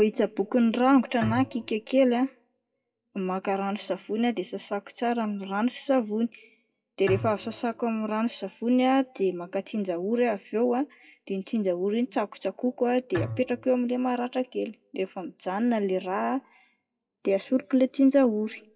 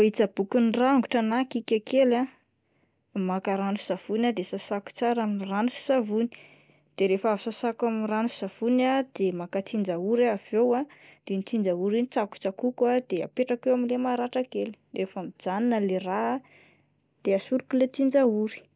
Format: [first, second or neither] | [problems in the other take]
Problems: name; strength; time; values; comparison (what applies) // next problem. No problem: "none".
second | noise reduction (classical method WPE with log-MMSE)